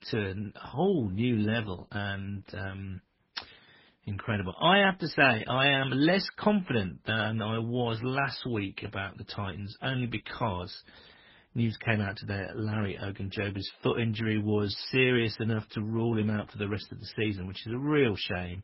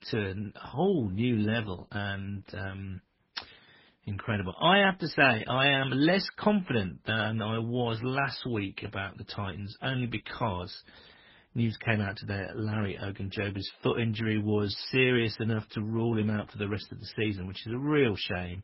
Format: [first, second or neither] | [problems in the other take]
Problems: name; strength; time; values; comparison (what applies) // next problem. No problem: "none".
neither | garbled, watery; badly; nothing above 5.5 kHz; the same in both